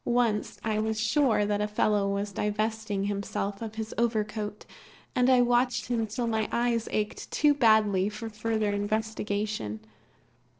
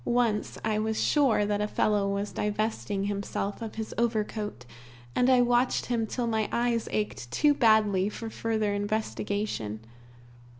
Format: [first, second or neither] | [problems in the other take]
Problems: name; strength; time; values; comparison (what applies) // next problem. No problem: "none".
second | noise reduction (neural separator model SepFormer DNS4)